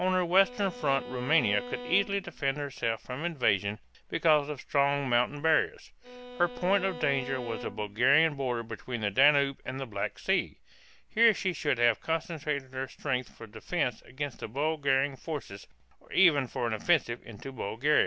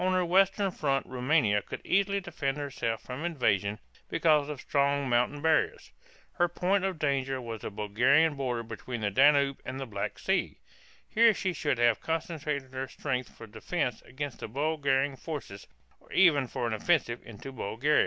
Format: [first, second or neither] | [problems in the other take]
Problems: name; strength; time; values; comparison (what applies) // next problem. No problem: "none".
second | background sound (Bowed string instrument); 12 dB below the speech